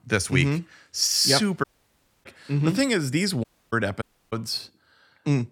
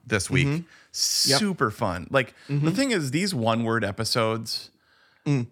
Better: second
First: audio cutting out; at 1.5 s for 0.5 s, at 3.5 s and at 4 s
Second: none

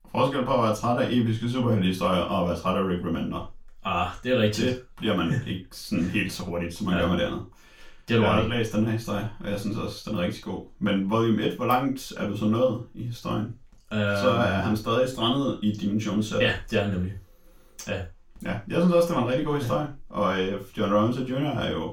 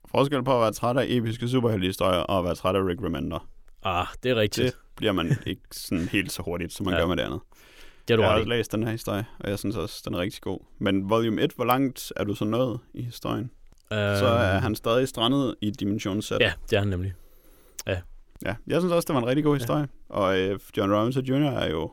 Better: second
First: room echo; slight; dies away in 0.3 s // off-mic speech; far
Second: none

